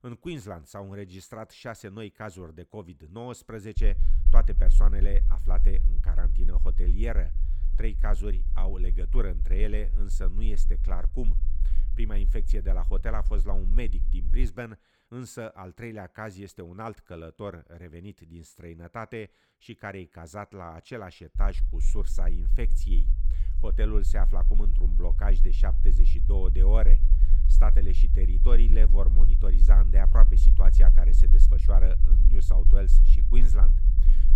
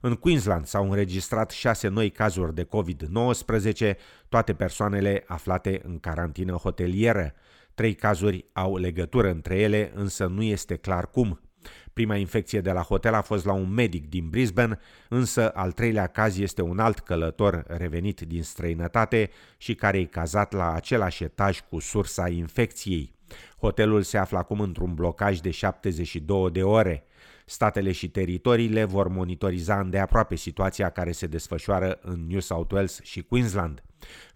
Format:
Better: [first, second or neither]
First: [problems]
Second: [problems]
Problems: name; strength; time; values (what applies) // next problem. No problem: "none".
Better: second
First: low rumble; noticeable; from 4 to 14 s and from 21 s on; 10 dB below the speech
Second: none